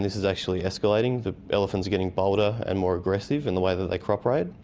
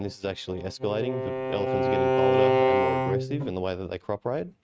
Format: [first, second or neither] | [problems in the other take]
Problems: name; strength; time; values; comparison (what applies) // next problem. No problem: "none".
first | noise reduction (neural mask model RNNoise)